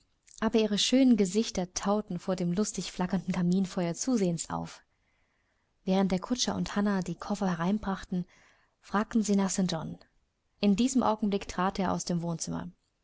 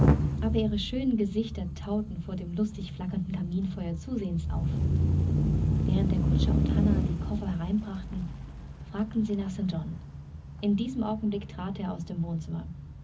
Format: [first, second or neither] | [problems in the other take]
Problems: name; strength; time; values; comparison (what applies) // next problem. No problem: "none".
first | background sound (Engine starting / Accelerating, revving, vroom / Motor vehicle (road)); 2 dB above the speech // room echo; dies away in 0.4 s